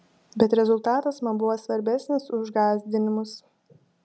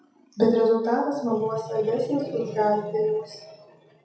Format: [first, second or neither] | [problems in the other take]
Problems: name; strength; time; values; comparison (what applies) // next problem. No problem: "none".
first | noise reduction (classical method WPE with log-MMSE)